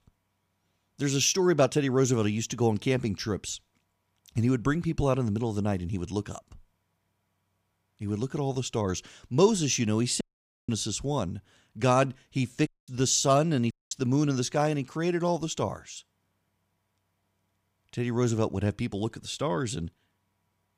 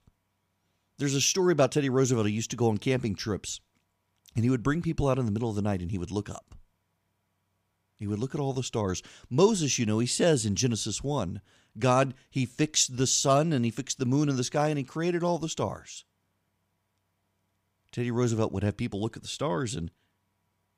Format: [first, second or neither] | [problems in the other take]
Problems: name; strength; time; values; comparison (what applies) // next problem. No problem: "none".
second | audio cutting out; at 10 s, at 13 s and at 14 s